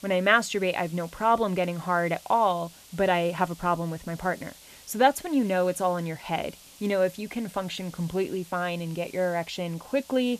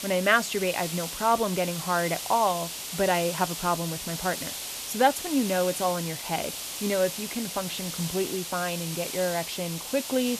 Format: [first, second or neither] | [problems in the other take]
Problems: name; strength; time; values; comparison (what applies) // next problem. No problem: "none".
first | hiss; loud; throughout; 5 dB below the speech; faint in the first